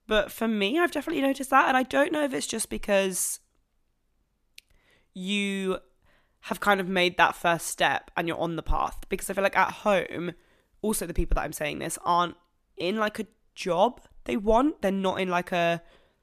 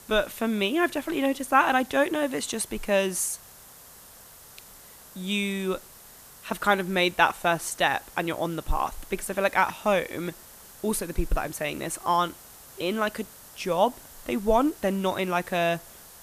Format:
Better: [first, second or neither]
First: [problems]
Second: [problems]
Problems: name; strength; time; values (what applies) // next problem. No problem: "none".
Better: first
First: none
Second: hiss; noticeable; throughout; 20 dB below the speech